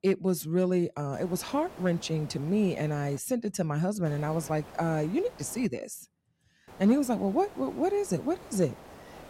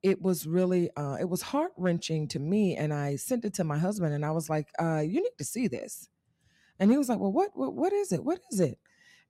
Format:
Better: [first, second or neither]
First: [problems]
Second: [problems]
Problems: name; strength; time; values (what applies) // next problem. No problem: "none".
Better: second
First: hiss; noticeable; from 1 to 3 s, from 4 to 5.5 s and from 6.5 s on; 20 dB below the speech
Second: none